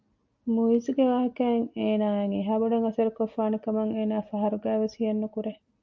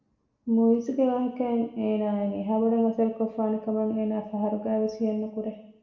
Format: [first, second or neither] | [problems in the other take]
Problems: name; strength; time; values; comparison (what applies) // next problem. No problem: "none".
first | room echo; dies away in 0.8 s